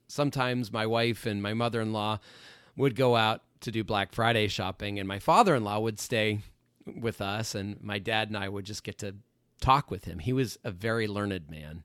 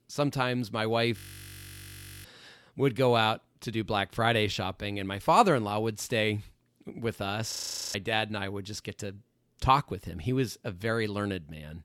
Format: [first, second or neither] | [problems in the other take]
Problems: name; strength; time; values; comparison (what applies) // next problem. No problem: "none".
first | audio freezing; at 1 s for 1 s and at 7.5 s